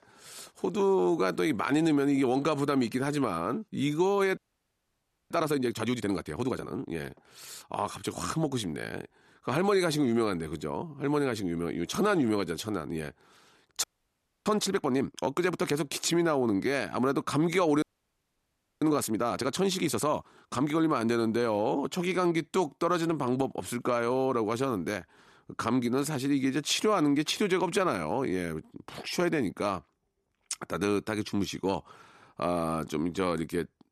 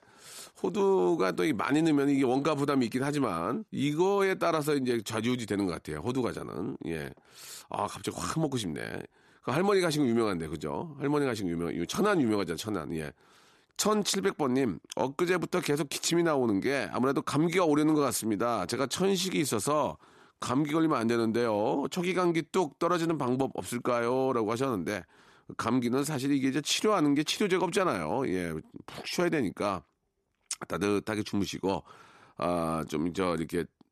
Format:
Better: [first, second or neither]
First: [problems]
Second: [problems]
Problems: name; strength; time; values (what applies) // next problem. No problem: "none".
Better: second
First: audio freezing; at 4.5 s for 1 s, at 14 s for 0.5 s and at 18 s for 1 s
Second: none